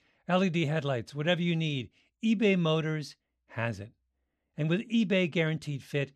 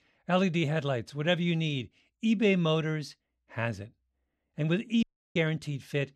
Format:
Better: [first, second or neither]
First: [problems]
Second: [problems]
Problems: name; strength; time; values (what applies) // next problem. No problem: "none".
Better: first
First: none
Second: audio cutting out; at 5 s